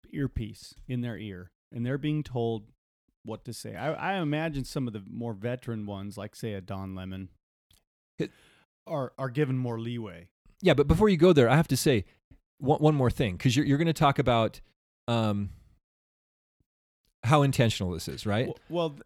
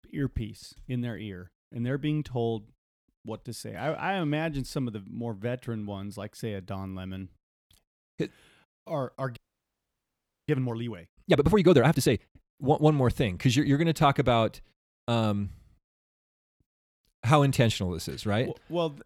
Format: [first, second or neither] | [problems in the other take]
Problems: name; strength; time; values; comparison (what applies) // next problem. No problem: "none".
first | audio freezing; at 9.5 s for 1 s